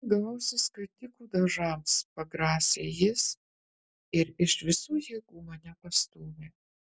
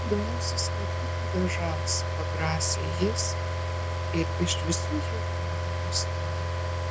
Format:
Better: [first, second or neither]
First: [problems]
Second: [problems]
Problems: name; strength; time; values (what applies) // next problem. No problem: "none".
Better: first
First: none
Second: background sound (Car); 4 dB above the speech